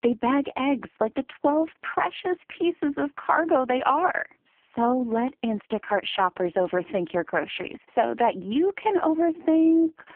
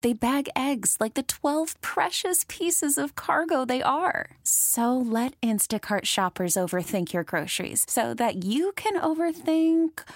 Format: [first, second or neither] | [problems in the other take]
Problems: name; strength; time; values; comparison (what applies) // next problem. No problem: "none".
second | phone-call audio; poor line; nothing above 3 kHz